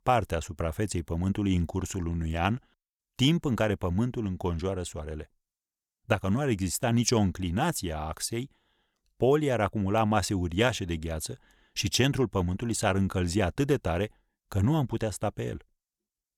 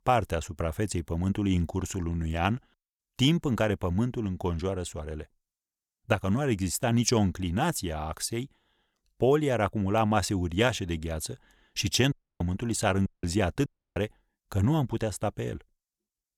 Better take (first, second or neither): first